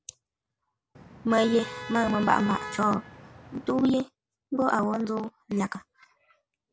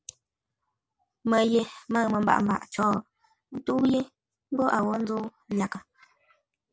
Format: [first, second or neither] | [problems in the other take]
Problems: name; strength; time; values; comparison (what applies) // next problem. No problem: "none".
second | background sound (Motor vehicle (road)); 12 dB below the speech